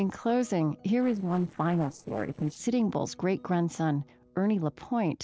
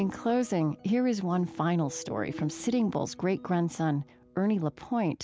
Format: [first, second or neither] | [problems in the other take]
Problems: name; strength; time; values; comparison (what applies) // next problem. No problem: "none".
second | noise reduction (neural separator model SepFormer DNS4)